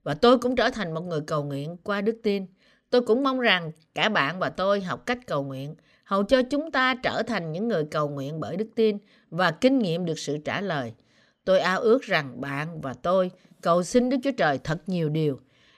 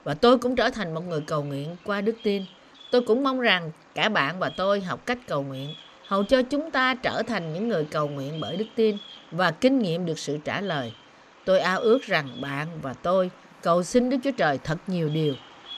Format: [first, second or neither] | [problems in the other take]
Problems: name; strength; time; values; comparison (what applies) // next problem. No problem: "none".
first | animal sounds; faint; throughout; 20 dB below the speech